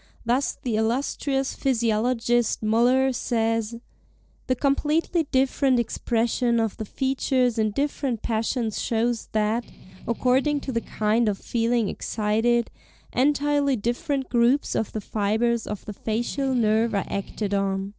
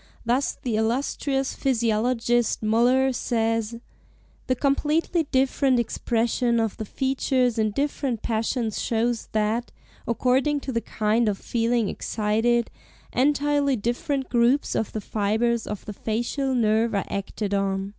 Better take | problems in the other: second | noise reduction (neural separator model SepFormer DNS4)

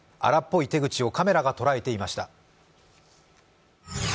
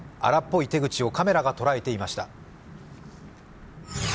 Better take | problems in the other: first | background sound (Thunder / Wind / Rain); 18 dB below the speech

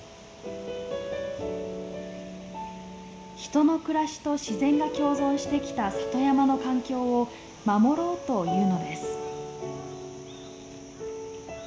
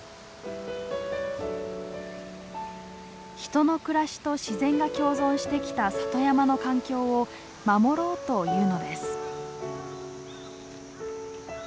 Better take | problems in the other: second | room echo; dies away in 0.6 s

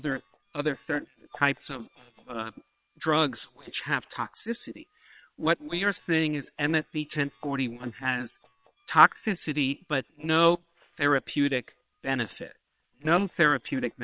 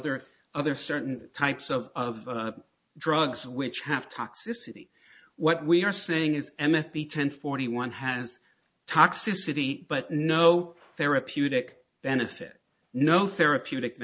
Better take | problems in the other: second | noise reduction (neural separator model SepFormer WHAM!)

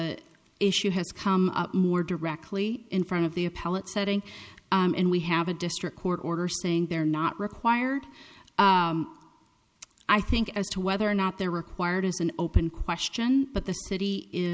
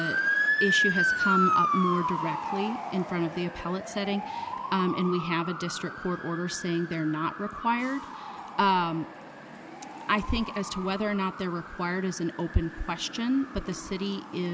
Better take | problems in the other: first | background sound (Motor vehicle (road) / Siren); 2 dB below the speech

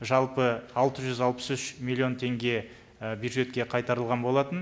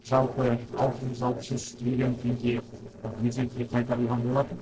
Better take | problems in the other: first | noise reduction (neural separator model SepFormer DNS4)

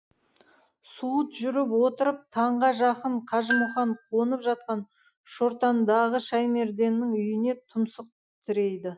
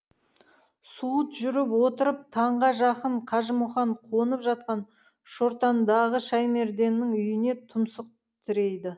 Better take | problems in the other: second | noise reduction (classical method Wiener filter)

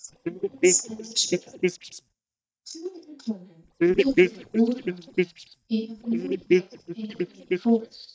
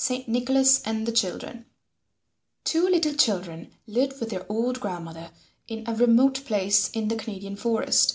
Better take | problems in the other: second | noise reduction (neural mask model DeepFilterNet 3)

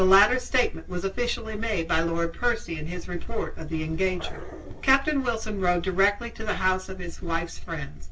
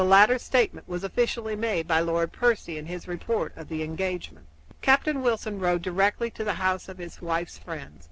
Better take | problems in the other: second | background sound (Growling); 16 dB below the speech // room echo; dies away in 0.2 s

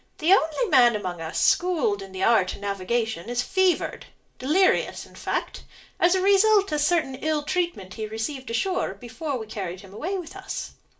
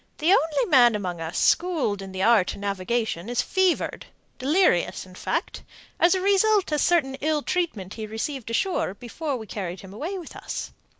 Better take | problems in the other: second | room echo; dies away in 0.2 s

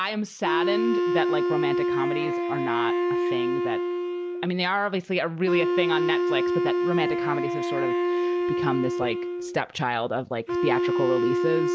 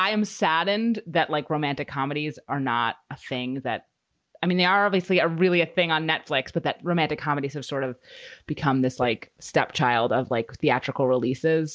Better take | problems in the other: second | background sound (Wind instrument, woodwind instrument); 3 dB above the speech

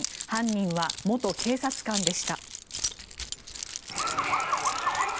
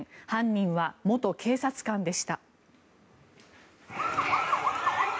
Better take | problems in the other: second | background sound (Keys jangling); 6 dB below the speech

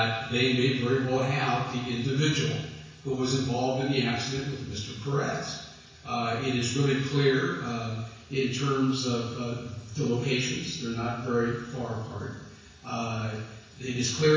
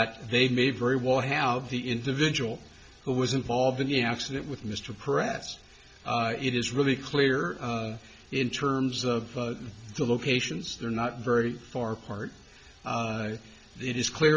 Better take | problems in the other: second | room echo; dies away in 1.1 s

